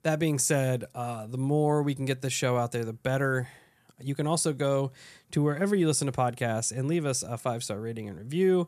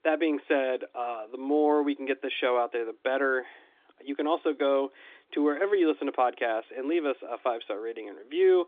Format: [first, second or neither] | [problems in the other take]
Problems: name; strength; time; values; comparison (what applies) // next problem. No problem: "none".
first | phone-call audio; nothing above 3.5 kHz